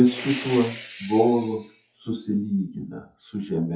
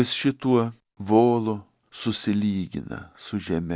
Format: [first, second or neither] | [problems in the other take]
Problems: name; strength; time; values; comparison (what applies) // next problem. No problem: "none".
second | noise reduction (classical method WPE with log-MMSE)